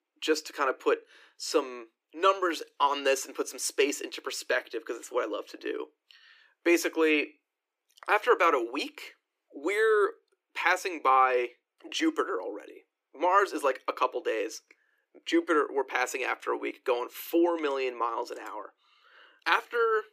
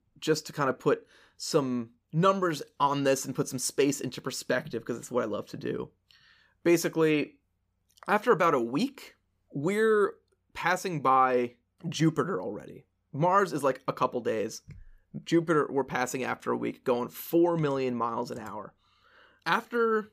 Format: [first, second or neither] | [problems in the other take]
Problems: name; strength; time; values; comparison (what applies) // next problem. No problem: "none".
second | thin; somewhat; fading below 300 Hz